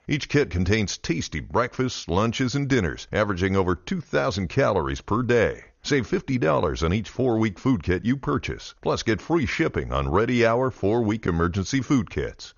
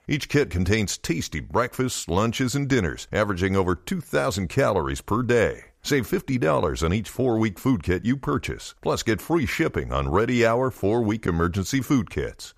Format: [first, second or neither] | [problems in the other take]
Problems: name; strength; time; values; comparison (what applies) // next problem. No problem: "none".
second | garbled, watery; slightly; nothing above 6.5 kHz